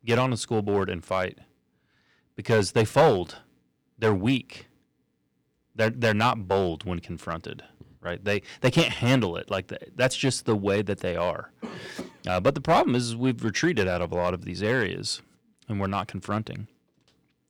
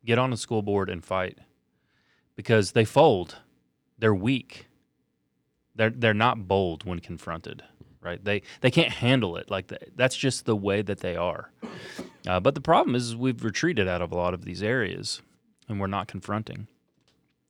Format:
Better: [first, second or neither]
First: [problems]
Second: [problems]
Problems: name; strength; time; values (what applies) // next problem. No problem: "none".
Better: second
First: distortion; slight; 2% of the sound clipped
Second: none